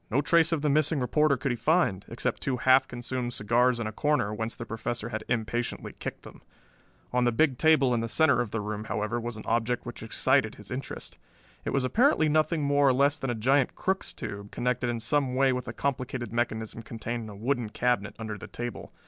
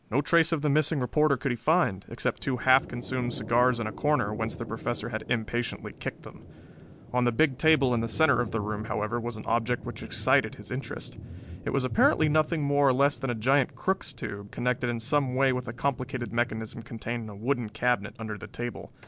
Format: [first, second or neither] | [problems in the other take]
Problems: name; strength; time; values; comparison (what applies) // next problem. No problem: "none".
first | background sound (Thunder); 15 dB below the speech